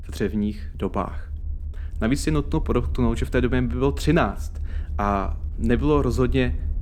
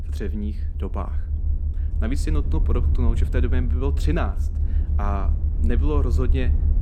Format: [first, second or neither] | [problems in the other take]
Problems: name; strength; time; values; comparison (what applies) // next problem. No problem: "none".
first | low rumble; loud; throughout; 9 dB below the speech; faint in the first